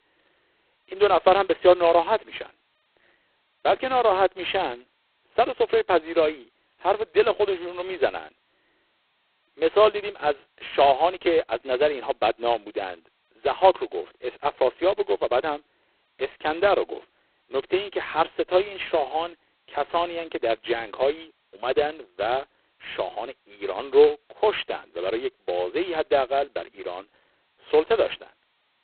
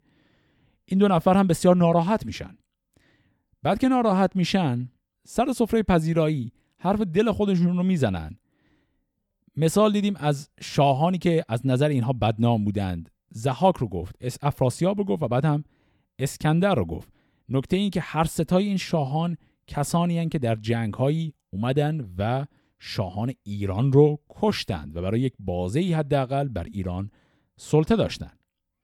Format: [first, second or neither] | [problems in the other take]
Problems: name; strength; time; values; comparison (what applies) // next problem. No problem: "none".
second | phone-call audio; poor line; nothing above 4 kHz